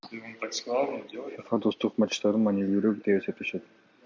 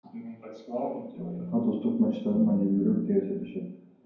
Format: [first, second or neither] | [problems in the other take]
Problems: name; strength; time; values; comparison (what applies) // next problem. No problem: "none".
first | background sound (Telephone); 11 dB below the speech // room echo; dies away in 0.9 s